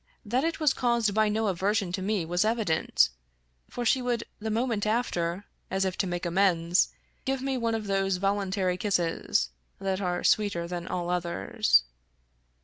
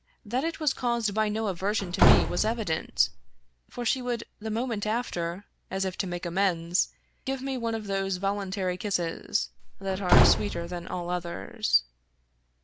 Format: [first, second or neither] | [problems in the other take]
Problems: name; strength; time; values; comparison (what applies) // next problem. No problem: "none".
first | background sound (Slam / Wood); 3 dB above the speech